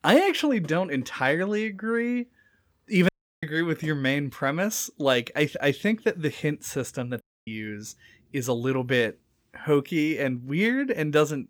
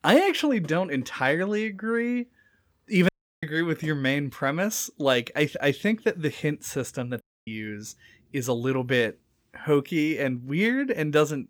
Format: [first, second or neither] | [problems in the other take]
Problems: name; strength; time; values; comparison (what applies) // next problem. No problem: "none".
neither | audio cutting out; at 3 s and at 7 s; the same in both